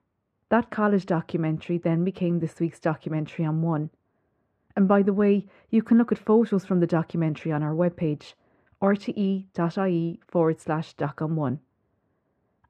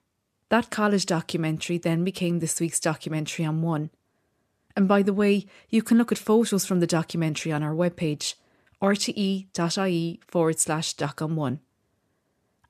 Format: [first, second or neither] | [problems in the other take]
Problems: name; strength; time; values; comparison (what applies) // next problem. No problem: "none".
second | muffled; very; fading above 3.5 kHz